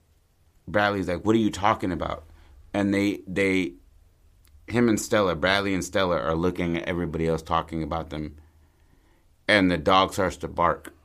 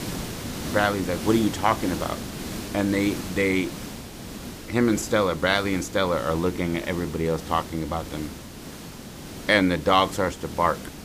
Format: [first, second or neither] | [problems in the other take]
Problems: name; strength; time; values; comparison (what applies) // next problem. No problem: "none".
first | hiss; noticeable; throughout; 10 dB below the speech